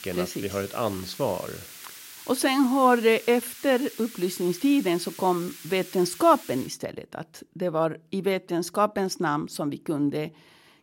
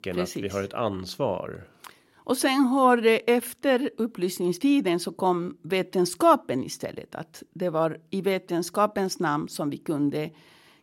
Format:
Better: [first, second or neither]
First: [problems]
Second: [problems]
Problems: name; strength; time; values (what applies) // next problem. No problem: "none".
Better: second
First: hiss; noticeable; until 6.5 s; 15 dB below the speech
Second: none